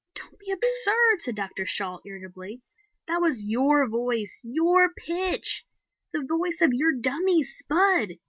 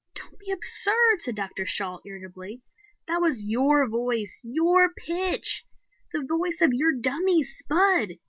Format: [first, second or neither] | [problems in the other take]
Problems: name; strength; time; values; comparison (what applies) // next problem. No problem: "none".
second | noise reduction (neural mask model RNNoise)